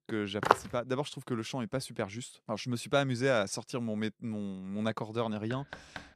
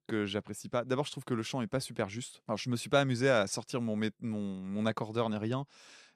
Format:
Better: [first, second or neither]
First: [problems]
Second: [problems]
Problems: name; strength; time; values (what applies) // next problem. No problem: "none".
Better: second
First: footsteps; loud; at 0.5 s; peak 6 dB above the speech // door banging; faint; at 5.5 s; peak 10 dB below the speech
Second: none